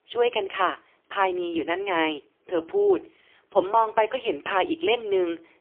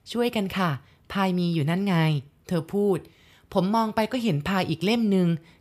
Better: second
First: phone-call audio; poor line; nothing above 3 kHz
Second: none

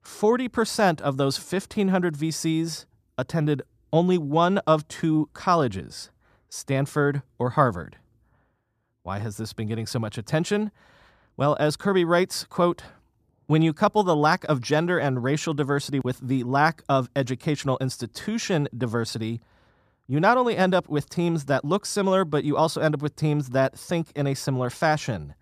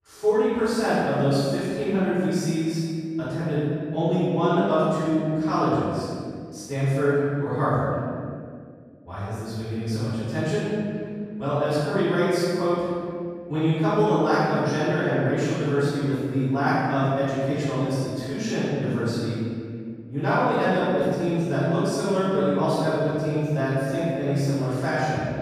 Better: first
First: none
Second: room echo; strong; dies away in 2.1 s // off-mic speech; far

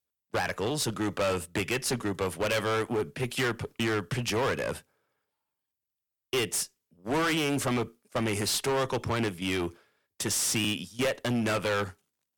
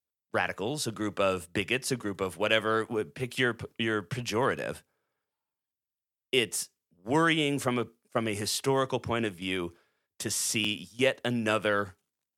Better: second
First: distortion; heavy; 15% of the sound clipped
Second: none

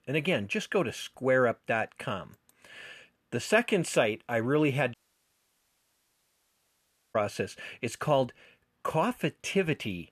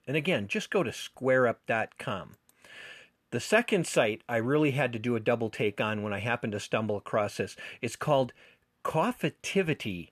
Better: second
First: audio cutting out; at 5 s for 2 s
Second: none

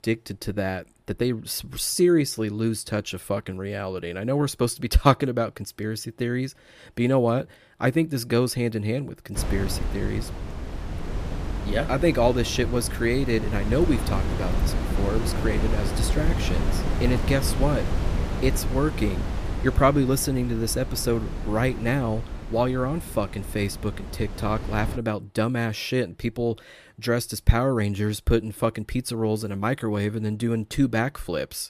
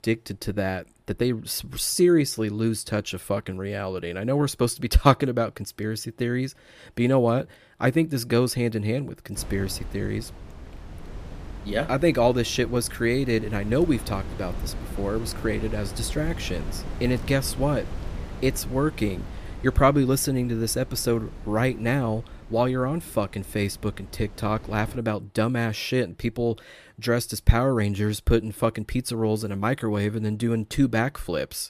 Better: second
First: wind noise on the microphone; heavy; from 9.5 to 25 s; 9 dB below the speech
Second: wind noise on the microphone; occasional gusts; from 9.5 to 25 s; 20 dB below the speech

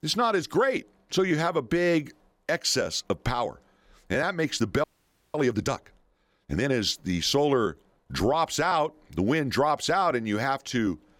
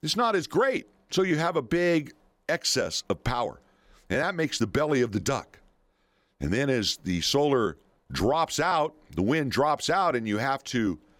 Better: second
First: audio freezing; at 5 s for 0.5 s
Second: none

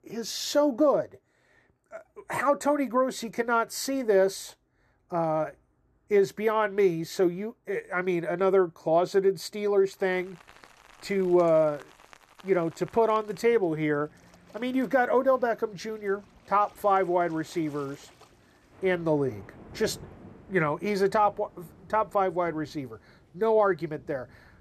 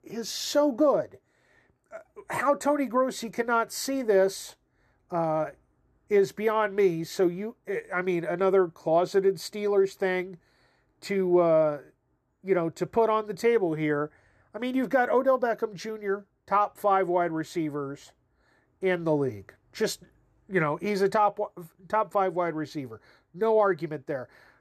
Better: second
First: rain or running water; faint; from 10 s on; 25 dB below the speech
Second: none

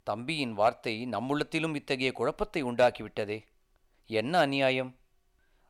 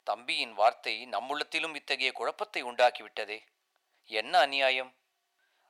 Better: first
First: none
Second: thin; very; fading below 650 Hz

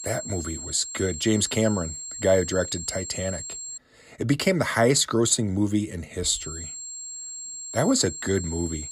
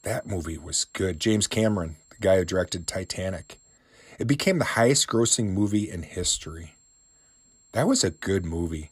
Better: second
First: high-pitched whine; loud; until 4 s and from 6 s on; 7.5 kHz, 9 dB below the speech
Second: high-pitched whine; faint; until 4 s and from 6 s on; 7.5 kHz, 30 dB below the speech

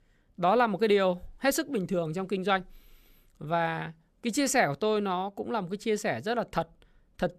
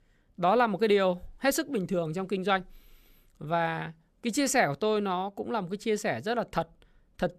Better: neither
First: none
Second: none

